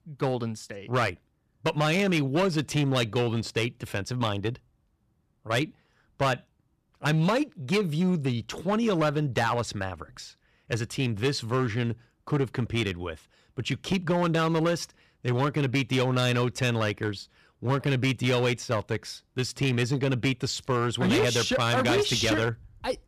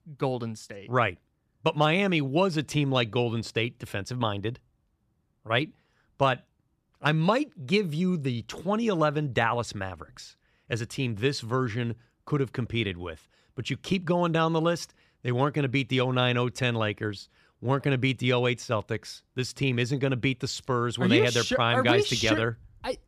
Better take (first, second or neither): second